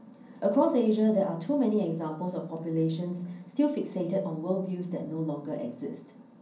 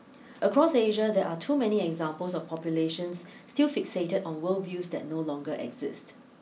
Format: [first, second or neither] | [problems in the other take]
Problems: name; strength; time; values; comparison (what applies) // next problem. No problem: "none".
second | room echo; dies away in 0.6 s